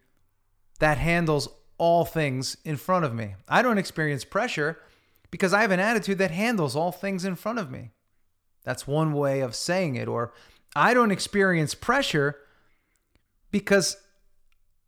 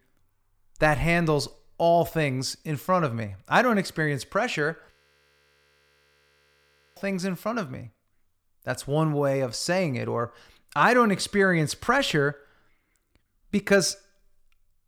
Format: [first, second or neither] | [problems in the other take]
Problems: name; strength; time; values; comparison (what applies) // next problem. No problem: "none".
first | audio freezing; at 5 s for 2 s